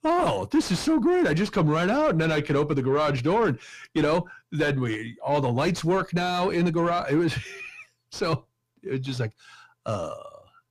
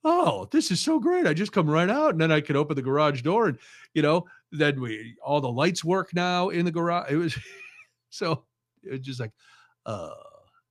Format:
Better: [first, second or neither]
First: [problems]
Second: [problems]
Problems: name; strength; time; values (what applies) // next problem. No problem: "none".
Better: second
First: distortion; heavy; 6 dB below the speech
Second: none